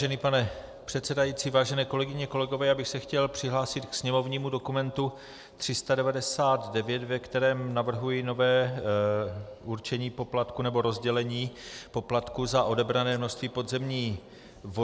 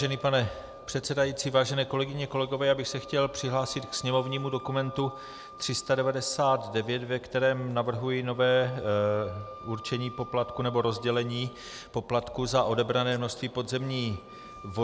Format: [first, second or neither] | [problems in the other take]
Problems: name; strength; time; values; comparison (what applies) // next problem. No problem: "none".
first | background sound (Wind instrument, woodwind instrument); 20 dB below the speech